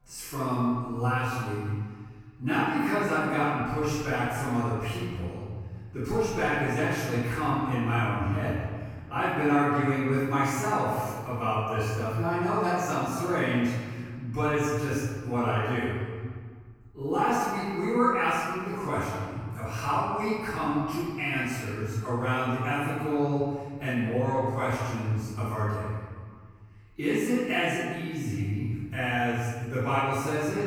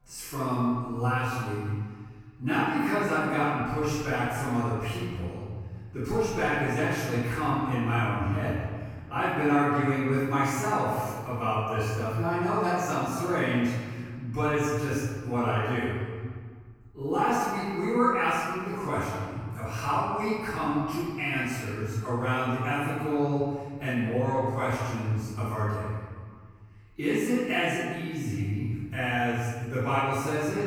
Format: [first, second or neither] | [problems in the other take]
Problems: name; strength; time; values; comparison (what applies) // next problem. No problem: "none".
neither | off-mic speech; far; the same in both // room echo; strong; dies away in 1.7 s; the same in both